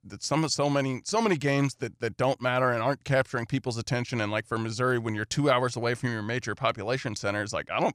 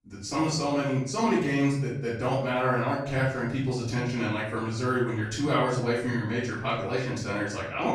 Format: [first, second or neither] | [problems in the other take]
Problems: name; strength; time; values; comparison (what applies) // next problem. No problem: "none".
first | off-mic speech; far // room echo; noticeable; dies away in 0.6 s